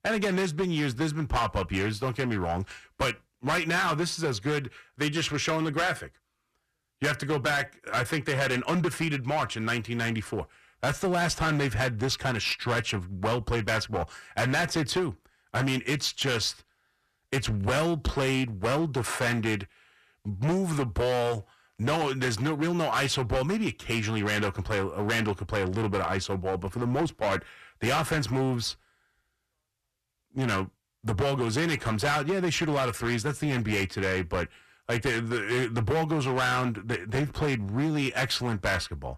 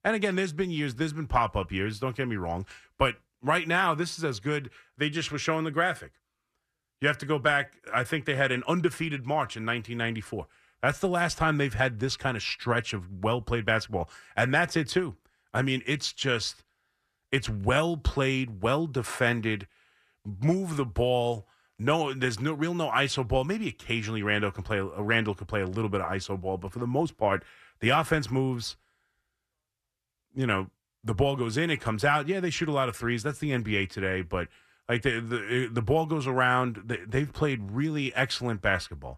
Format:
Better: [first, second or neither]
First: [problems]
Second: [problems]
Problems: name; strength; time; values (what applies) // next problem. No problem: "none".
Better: second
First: distortion; heavy; 14% of the sound clipped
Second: none